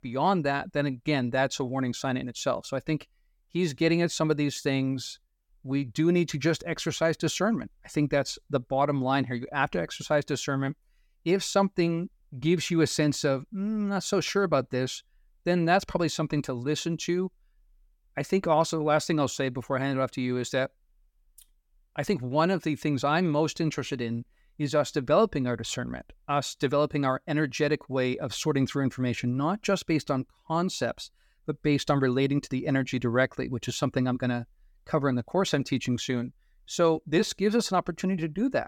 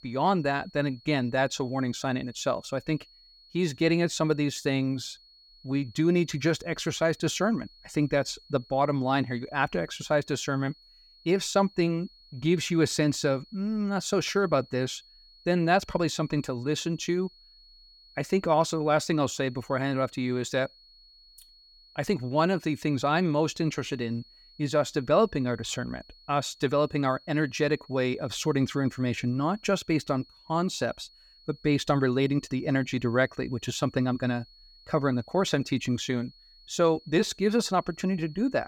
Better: first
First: none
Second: high-pitched whine; faint; throughout; 4.5 kHz, 25 dB below the speech

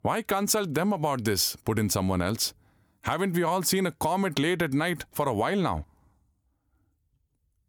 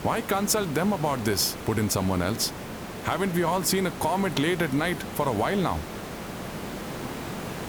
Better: first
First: none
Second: hiss; loud; throughout; 10 dB below the speech

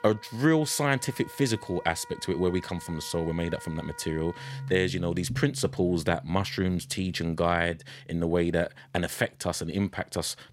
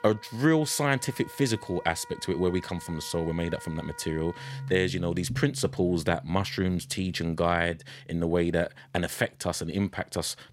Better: neither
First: background music; noticeable; throughout; 15 dB below the speech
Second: background music; noticeable; throughout; 15 dB below the speech

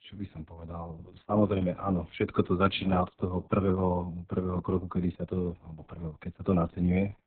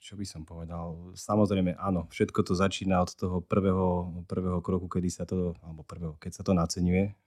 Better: second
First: garbled, watery; badly; nothing above 4 kHz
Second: none

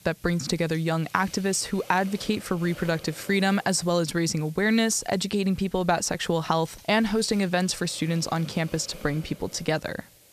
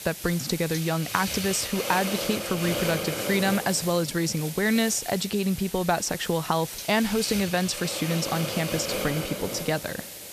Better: first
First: hiss; faint; throughout; 20 dB below the speech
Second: hiss; loud; throughout; 6 dB below the speech

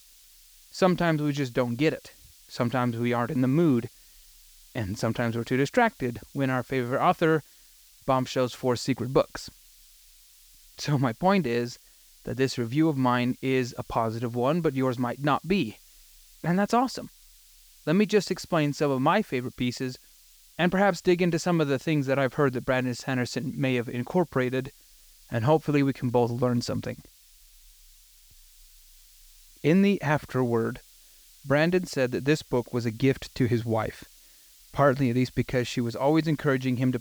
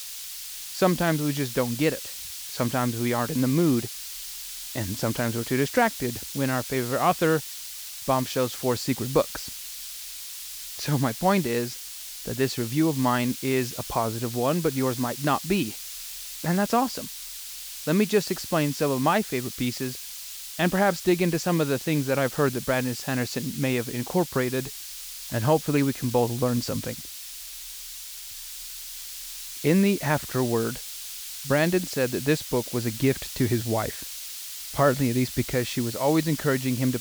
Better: first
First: hiss; faint; throughout; 25 dB below the speech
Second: hiss; loud; throughout; 8 dB below the speech

